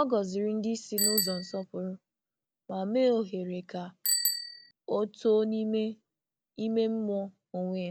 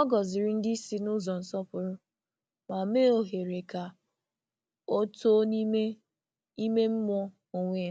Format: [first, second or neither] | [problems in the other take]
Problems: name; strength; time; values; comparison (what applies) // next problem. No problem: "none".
second | background sound (Bicycle bell); 5 dB below the speech